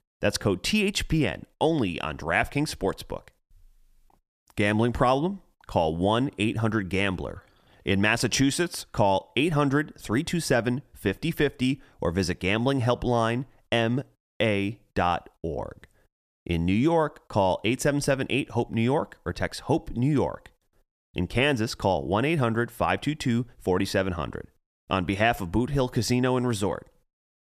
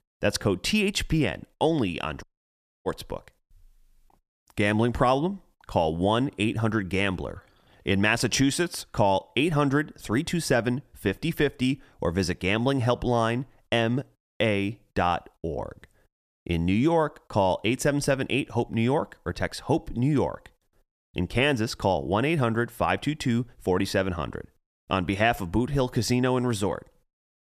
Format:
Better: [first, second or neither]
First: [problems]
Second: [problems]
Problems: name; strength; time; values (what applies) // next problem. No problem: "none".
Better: first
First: none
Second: audio cutting out; at 2 s for 0.5 s